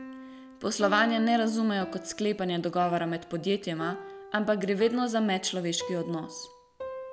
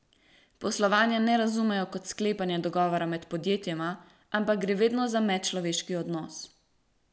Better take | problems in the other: second | background sound (Piano); 14 dB below the speech

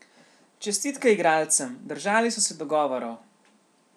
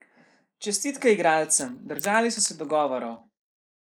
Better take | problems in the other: first | noise reduction (neural mask model Resemble Enhance denoiser)

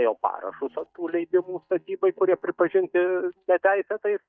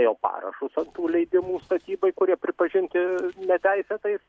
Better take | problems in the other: second | noise reduction (neural mask model DeepFilterNet 3)

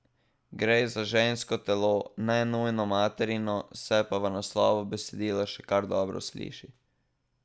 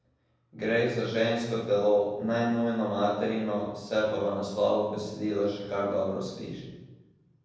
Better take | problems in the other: first | room echo; dies away in 1.1 s

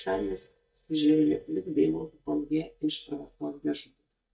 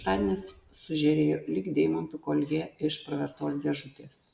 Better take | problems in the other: second | noise reduction (neural mask model DeepFilterNet 3)

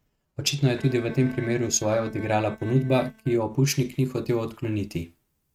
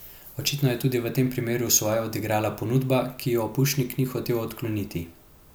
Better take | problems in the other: second | noise reduction (neural mask model RNNoise)

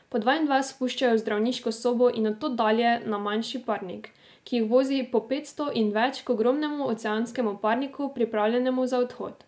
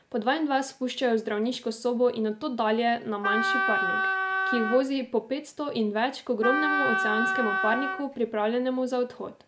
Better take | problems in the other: first | background sound (Wind instrument, woodwind instrument); as loud as the speech

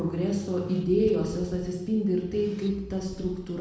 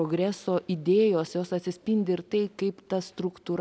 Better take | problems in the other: second | background sound (Accelerating, revving, vroom / Car); 15 dB below the speech // room echo; dies away in 1 s

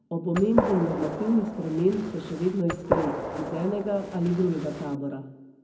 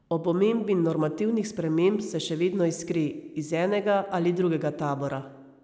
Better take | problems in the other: second | background sound (Gunshot, gunfire); 5 dB below the speech // room echo; dies away in 0.4 s

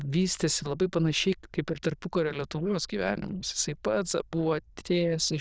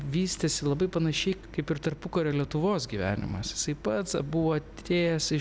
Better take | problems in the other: second | noise reduction (neural diffusion model UNIVERSE++)

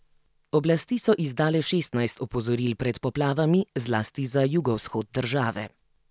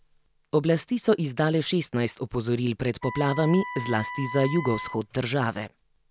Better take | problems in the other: first | background sound (Wind instrument, woodwind instrument); 10 dB below the speech

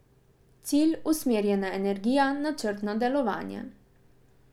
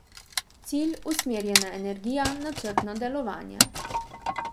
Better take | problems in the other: first | background sound (Wood); 1 dB above the speech

